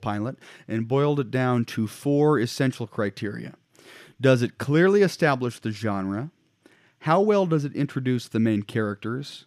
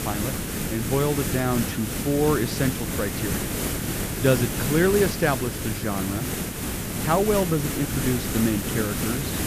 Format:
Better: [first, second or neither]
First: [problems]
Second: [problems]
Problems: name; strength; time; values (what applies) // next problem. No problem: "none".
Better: first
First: none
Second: hiss; loud; throughout; 2 dB below the speech